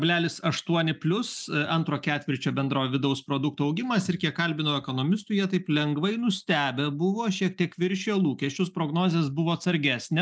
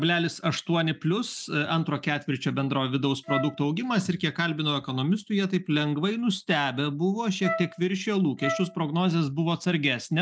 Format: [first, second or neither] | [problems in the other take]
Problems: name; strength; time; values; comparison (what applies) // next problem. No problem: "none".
first | background sound (Wind instrument, woodwind instrument); 9 dB below the speech